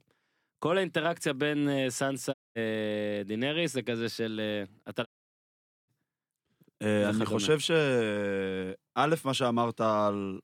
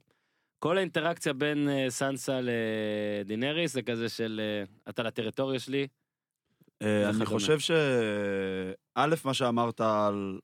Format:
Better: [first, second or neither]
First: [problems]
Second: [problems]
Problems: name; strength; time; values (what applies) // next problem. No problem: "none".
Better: second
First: audio cutting out; at 2.5 s and at 5 s for 1 s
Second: none